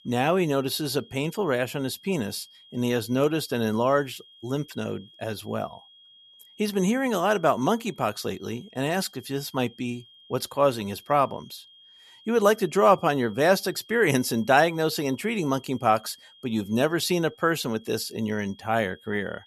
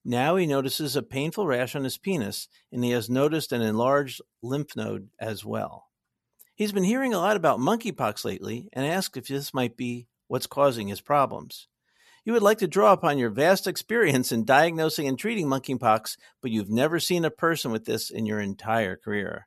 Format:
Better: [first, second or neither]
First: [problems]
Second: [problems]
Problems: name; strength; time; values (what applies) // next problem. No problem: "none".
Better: second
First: high-pitched whine; faint; throughout; 3.5 kHz, 25 dB below the speech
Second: none